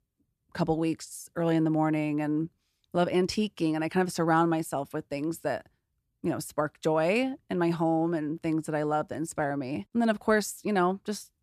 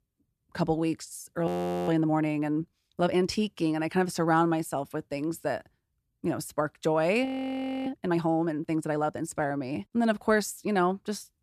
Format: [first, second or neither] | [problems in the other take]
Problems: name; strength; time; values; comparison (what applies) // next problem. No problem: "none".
first | audio freezing; at 1.5 s and at 7.5 s for 0.5 s